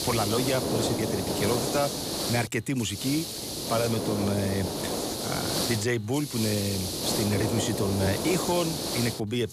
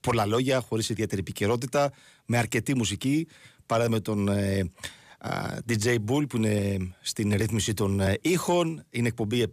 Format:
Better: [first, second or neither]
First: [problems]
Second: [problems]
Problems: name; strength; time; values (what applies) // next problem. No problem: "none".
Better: second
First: hiss; loud; throughout; 1 dB below the speech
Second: none